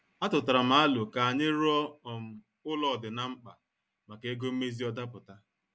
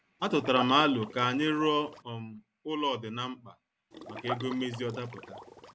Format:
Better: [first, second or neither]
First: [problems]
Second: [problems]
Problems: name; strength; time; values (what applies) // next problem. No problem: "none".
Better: first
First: none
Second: background sound (Liquid); 11 dB below the speech